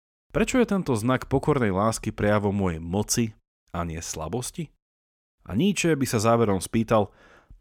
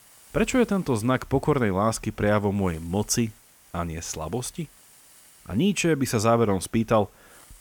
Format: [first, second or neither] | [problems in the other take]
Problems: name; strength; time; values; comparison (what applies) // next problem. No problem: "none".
first | hiss; faint; throughout; 25 dB below the speech